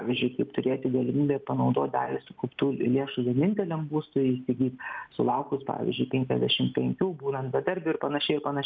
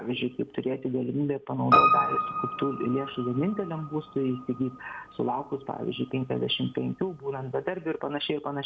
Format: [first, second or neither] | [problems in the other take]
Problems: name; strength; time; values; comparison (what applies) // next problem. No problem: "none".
first | background sound (Piano); 2 dB below the speech